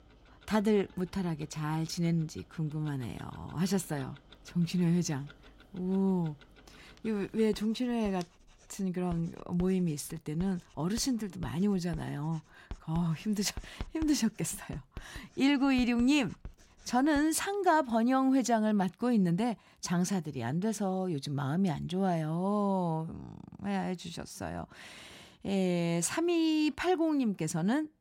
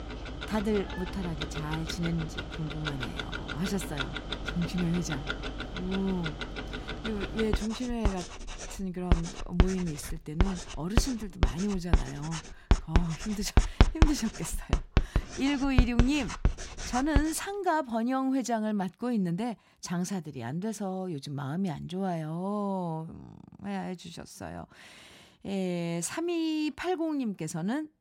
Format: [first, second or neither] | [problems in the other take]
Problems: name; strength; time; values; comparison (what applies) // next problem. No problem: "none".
first | household noises; loud; until 17 s; 1 dB below the speech; faint in the first